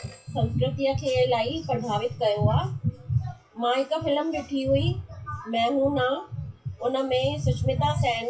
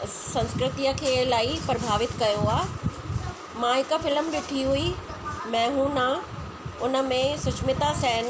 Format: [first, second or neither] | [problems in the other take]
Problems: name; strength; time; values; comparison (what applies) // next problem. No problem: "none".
second | noise reduction (classical method WPE with log-MMSE)